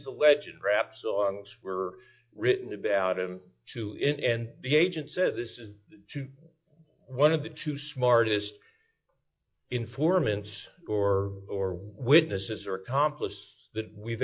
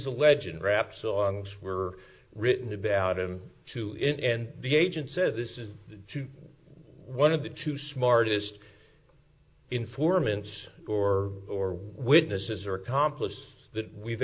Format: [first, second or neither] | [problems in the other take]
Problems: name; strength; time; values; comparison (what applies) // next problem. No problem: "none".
second | noise reduction (classical method log-MMSE)